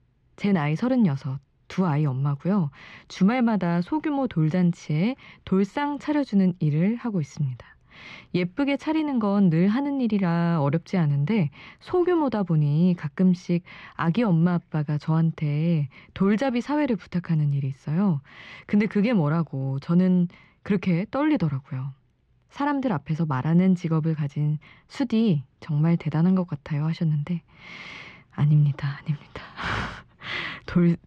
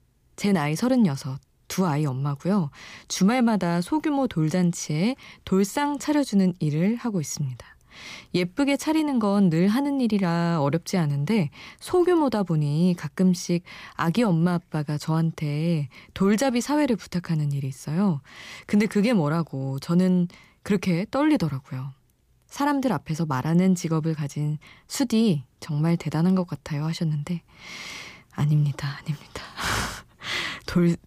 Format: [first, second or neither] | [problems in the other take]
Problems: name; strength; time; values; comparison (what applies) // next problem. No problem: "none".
second | muffled; slightly; fading above 2.5 kHz